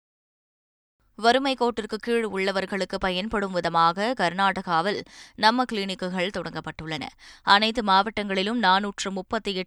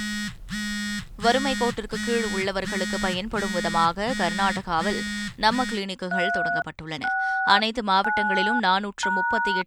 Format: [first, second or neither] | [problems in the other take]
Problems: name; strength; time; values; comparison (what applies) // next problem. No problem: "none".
first | alarms or sirens; loud; throughout; 2 dB below the speech